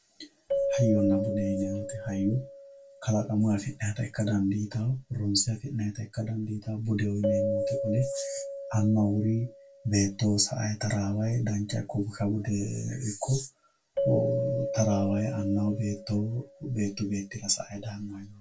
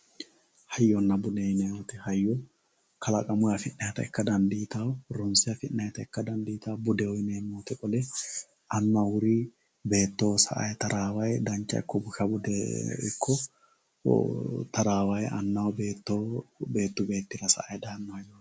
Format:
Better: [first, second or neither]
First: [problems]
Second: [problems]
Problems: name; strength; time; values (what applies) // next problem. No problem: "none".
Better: second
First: background sound (Keyboard (musical)); 7 dB below the speech // room echo; dies away in 0.1 s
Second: none